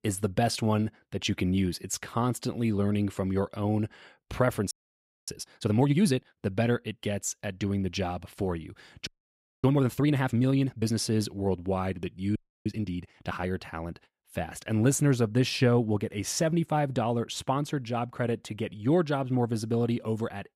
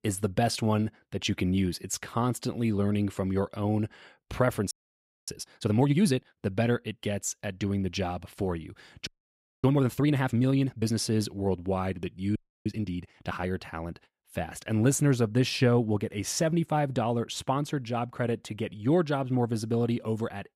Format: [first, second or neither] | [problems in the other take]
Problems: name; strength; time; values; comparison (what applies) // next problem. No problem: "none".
neither | audio freezing; at 4.5 s for 0.5 s, at 9 s for 0.5 s and at 12 s; the same in both